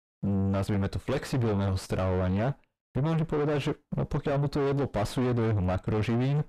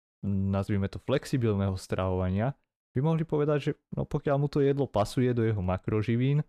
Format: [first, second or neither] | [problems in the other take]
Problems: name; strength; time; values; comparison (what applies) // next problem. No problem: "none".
second | distortion; heavy; 5 dB below the speech